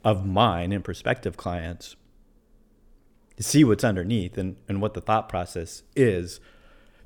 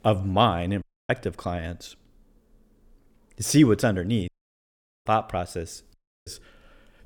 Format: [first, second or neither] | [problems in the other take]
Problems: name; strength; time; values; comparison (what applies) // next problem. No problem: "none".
first | audio cutting out; at 1 s, at 4.5 s for 1 s and at 6 s